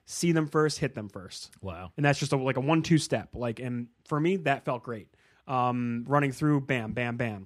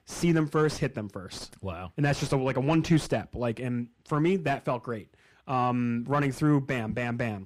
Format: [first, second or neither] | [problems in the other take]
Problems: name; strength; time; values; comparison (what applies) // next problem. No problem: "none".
first | distortion; slight; 9 dB below the speech